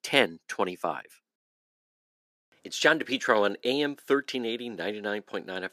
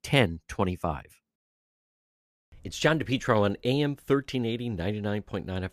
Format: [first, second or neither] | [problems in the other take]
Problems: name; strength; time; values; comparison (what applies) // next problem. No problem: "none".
second | thin; somewhat; fading below 300 Hz